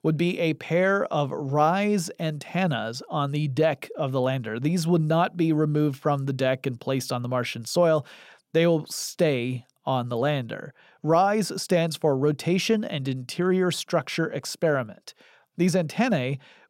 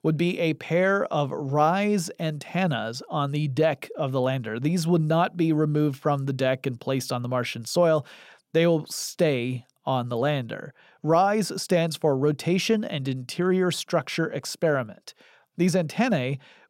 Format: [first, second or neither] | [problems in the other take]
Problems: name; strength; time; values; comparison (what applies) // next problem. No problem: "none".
neither | none